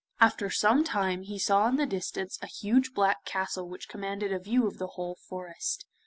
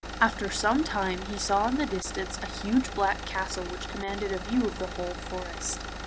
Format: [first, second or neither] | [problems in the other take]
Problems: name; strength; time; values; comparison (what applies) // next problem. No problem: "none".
first | background sound (Engine); 7 dB below the speech